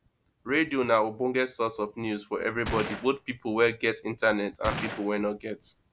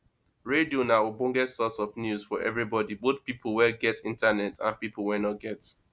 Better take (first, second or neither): second